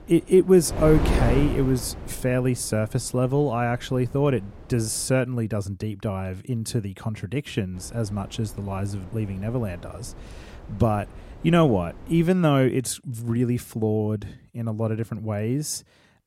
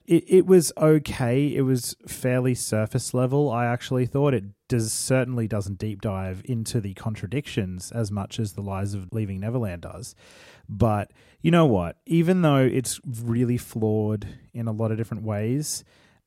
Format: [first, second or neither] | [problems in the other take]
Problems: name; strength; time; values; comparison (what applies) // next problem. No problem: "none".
second | wind noise on the microphone; occasional gusts; until 5 s and from 8 to 12 s; 10 dB below the speech